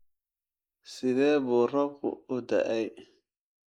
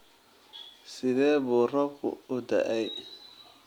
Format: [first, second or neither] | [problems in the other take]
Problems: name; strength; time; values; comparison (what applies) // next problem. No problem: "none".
second | noise reduction (neural mask model Resemble Enhance denoiser)